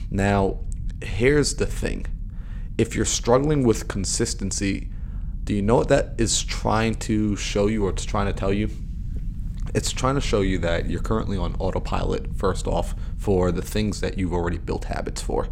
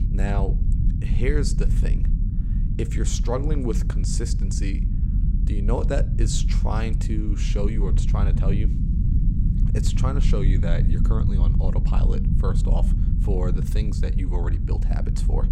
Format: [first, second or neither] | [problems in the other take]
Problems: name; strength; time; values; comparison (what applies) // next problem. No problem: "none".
first | low rumble; loud; throughout; 5 dB below the speech; faint in the first